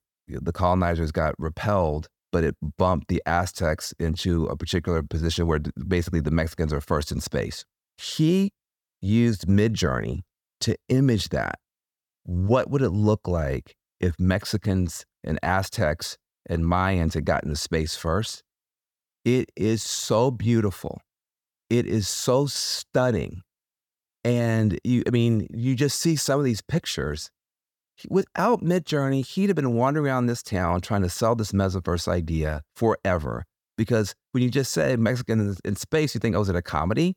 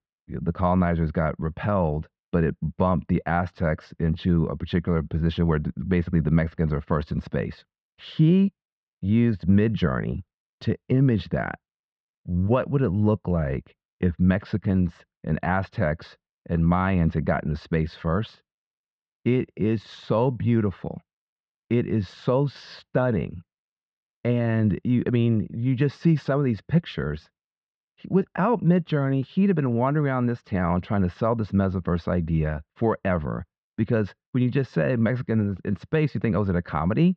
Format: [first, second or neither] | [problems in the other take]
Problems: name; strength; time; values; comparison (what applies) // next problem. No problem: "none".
first | muffled; very; fading above 3 kHz